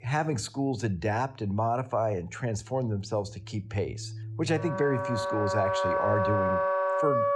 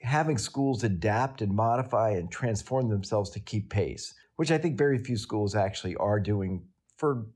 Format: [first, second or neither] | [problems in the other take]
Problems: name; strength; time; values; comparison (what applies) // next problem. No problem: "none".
second | background music; very loud; throughout; 1 dB above the speech